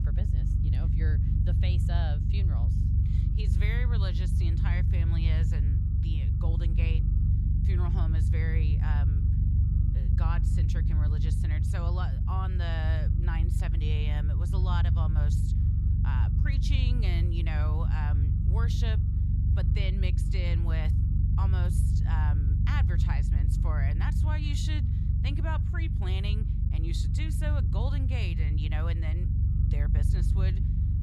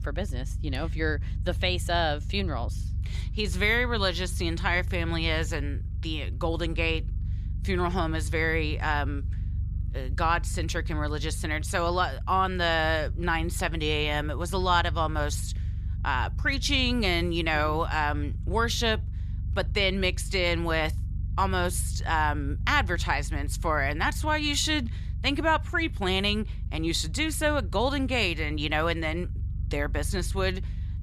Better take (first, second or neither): second